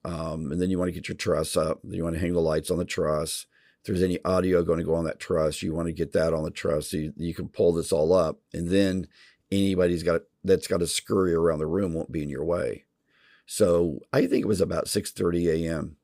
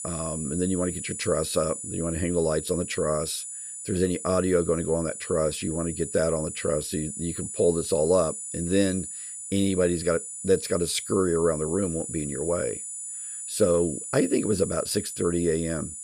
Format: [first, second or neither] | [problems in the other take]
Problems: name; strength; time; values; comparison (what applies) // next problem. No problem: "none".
first | high-pitched whine; loud; throughout; 10 kHz, 7 dB below the speech